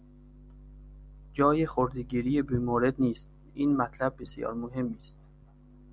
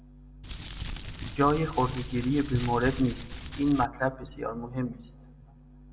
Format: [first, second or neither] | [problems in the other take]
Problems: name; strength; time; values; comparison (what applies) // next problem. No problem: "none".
first | background sound (Crumpling, crinkling); 9 dB below the speech // room echo; dies away in 0.7 s